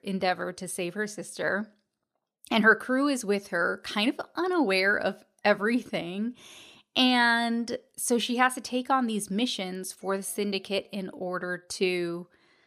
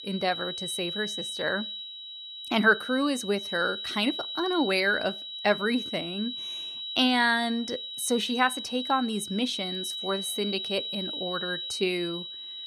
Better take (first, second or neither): first